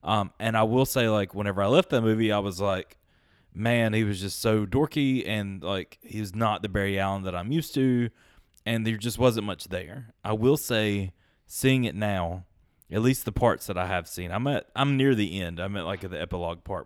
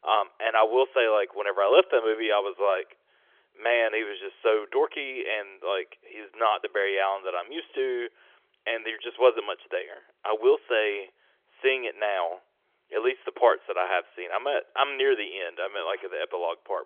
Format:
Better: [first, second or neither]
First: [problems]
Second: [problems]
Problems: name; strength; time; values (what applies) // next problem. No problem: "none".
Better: first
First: none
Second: phone-call audio; nothing above 3.5 kHz